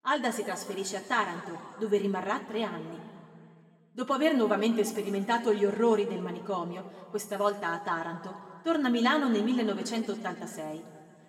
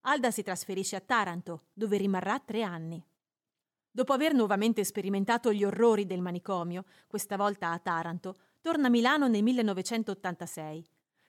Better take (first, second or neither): second